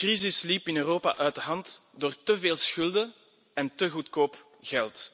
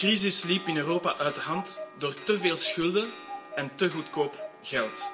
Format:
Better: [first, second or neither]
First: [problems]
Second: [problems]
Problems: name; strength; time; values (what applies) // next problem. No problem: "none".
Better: first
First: none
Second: background sound (Clock); 11 dB below the speech // room echo; dies away in 0.6 s